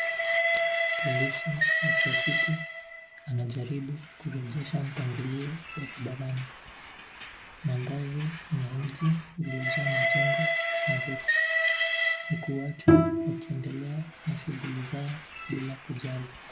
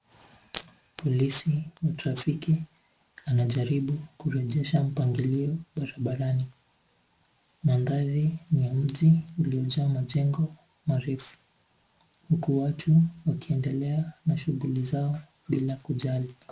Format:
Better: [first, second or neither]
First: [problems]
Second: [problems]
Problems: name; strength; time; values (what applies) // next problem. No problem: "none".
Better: second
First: background sound (Train + Bowed string instrument); 3 dB above the speech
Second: none